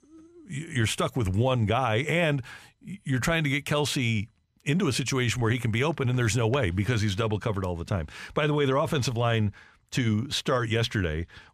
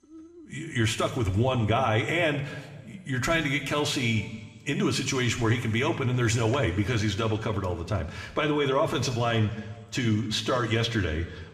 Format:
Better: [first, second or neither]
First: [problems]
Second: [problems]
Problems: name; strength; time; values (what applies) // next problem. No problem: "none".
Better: first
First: none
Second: room echo; slight; dies away in 1.3 s